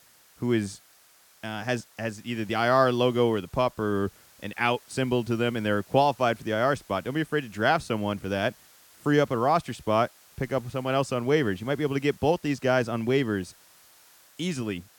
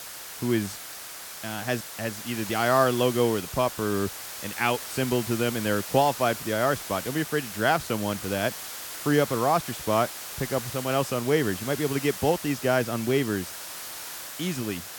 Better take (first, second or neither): first